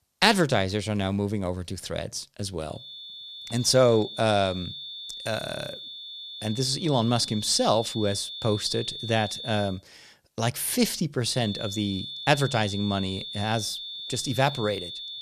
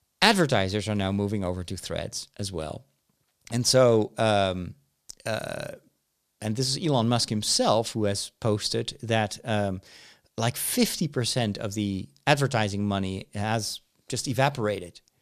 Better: second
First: high-pitched whine; loud; from 3 to 9.5 s and from 11 s on; 3.5 kHz, 9 dB below the speech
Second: none

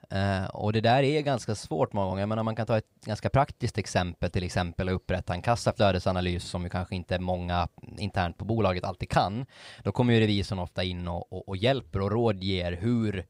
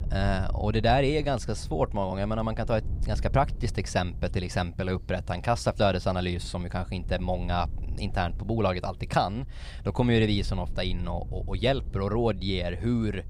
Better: first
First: none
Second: low rumble; faint; throughout; 25 dB below the speech

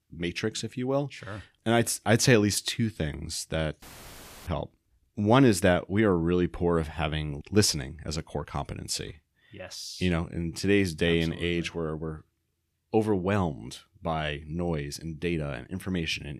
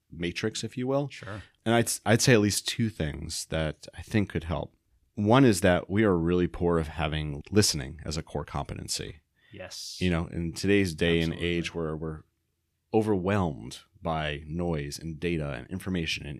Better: second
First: audio cutting out; filled with static; at 4 s for 0.5 s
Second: none

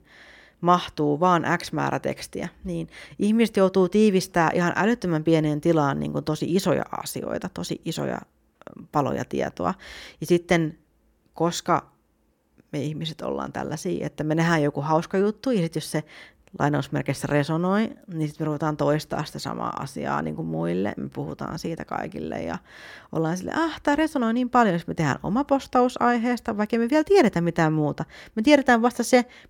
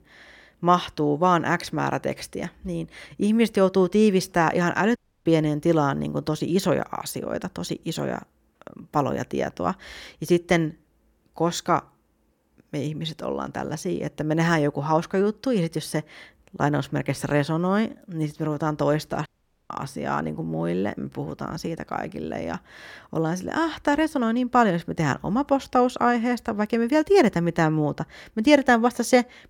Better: first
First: none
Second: audio cutting out; at 5 s and at 19 s

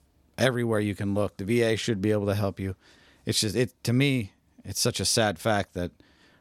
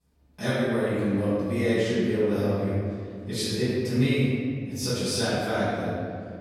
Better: first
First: none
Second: off-mic speech; far // room echo; strong; dies away in 2.2 s

